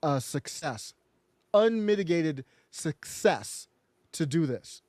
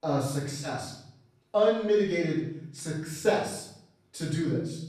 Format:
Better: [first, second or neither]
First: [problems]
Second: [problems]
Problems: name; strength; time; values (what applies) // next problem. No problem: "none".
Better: first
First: none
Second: off-mic speech; far // room echo; noticeable; dies away in 0.6 s